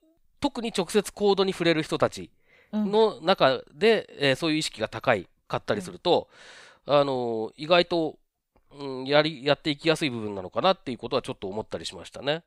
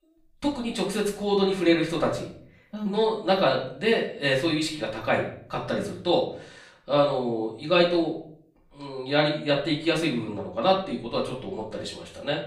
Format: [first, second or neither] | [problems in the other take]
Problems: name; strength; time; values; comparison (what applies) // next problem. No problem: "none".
first | off-mic speech; far // room echo; slight; dies away in 0.5 s